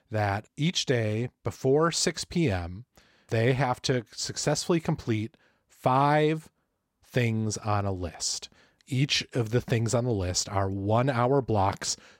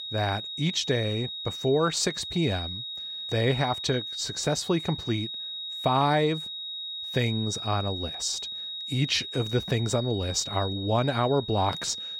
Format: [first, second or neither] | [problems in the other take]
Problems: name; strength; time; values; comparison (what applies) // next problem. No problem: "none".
first | high-pitched whine; loud; throughout; 4 kHz, 6 dB below the speech